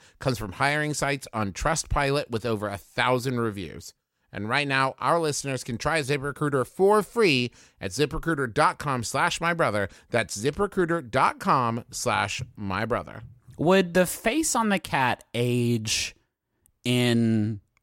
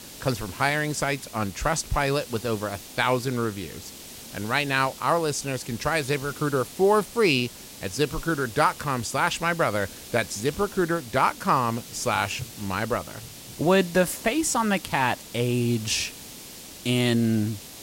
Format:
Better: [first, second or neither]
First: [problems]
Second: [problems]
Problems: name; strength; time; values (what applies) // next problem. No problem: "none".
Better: first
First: none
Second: hiss; noticeable; throughout; 15 dB below the speech